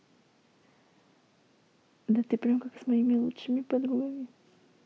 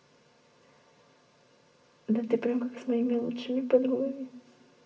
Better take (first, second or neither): first